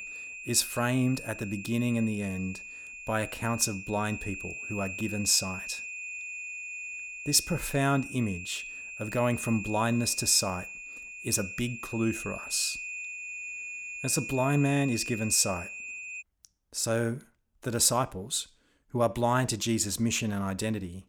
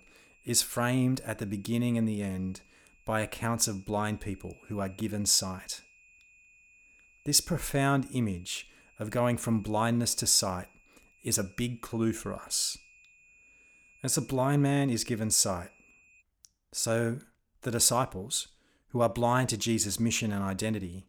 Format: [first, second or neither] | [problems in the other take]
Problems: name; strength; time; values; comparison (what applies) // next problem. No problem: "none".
second | high-pitched whine; loud; until 16 s; 2.5 kHz, 9 dB below the speech; faint in the second